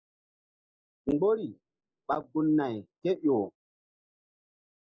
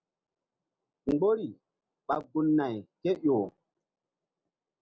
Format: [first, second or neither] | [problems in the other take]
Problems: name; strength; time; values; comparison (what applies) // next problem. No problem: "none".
second | noise reduction (neural mask model Resemble Enhance denoiser)